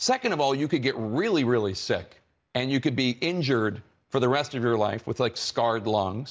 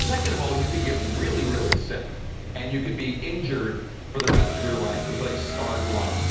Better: first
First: none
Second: background sound (Motor vehicle (road)); 3 dB above the speech // room echo; dies away in 0.9 s

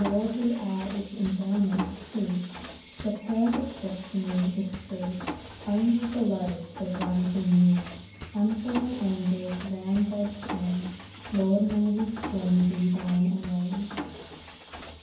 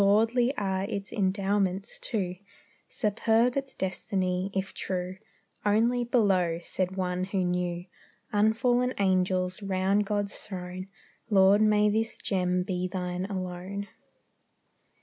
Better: second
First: background sound (Mechanisms); 13 dB below the speech // room echo; dies away in 0.9 s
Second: none

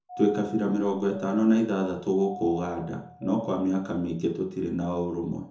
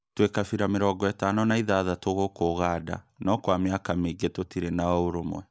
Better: second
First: background sound (Doorbell); 15 dB below the speech // room echo; dies away in 0.5 s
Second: none

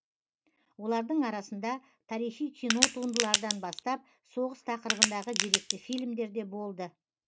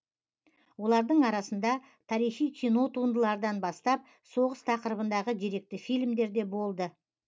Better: second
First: background sound (Crack); 4 dB above the speech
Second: none

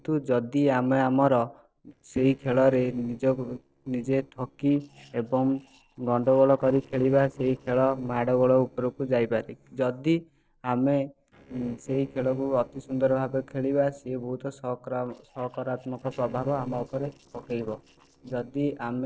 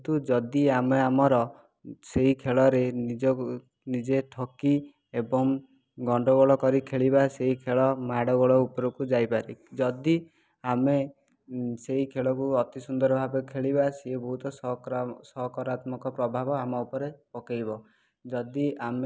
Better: second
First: noise reduction (neural separator model SepFormer DNS4)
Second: none

